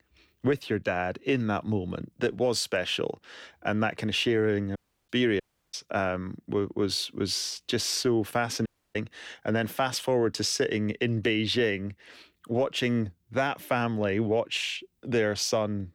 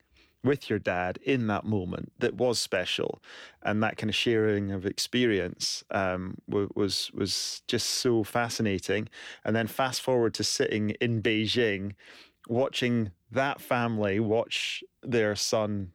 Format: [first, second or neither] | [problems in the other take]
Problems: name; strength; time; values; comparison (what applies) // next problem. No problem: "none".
second | audio cutting out; at 5 s, at 5.5 s and at 8.5 s